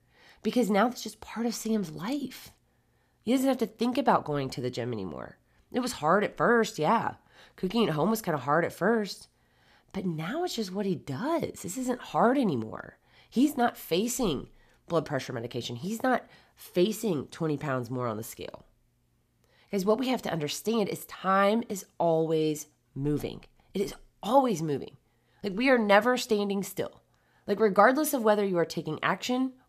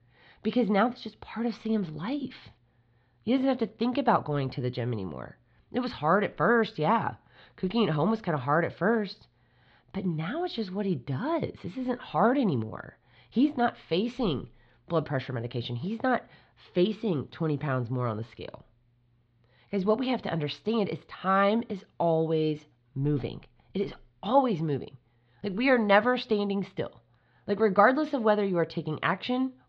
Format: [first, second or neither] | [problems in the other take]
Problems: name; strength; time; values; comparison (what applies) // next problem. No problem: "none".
first | muffled; very slightly; fading above 4 kHz